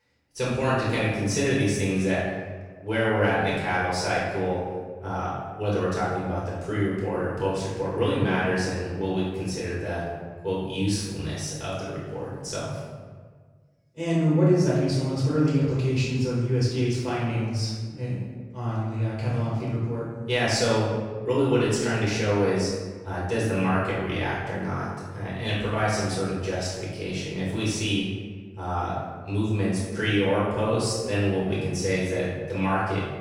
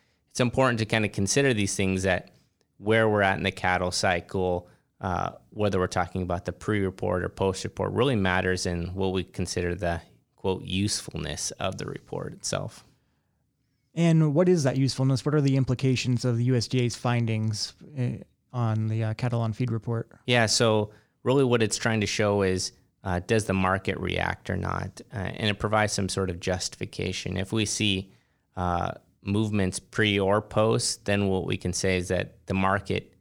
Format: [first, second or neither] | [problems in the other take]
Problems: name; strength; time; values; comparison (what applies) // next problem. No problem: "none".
second | room echo; strong; dies away in 1.3 s // off-mic speech; far